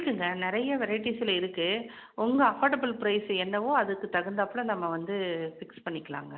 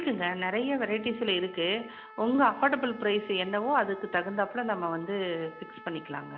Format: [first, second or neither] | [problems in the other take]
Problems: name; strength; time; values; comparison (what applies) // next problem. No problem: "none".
first | background sound (Trumpet); 20 dB below the speech